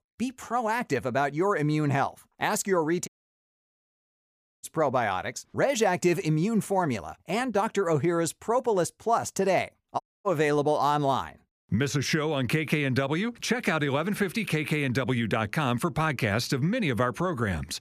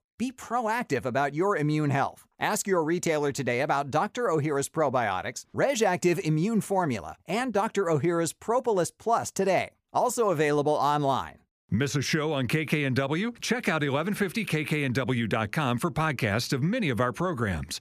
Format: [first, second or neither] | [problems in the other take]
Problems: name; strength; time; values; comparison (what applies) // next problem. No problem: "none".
second | audio cutting out; at 3 s for 1.5 s and at 10 s